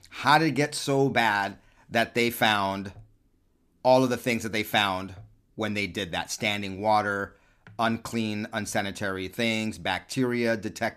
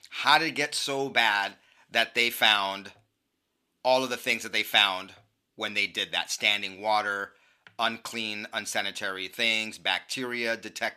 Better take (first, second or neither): first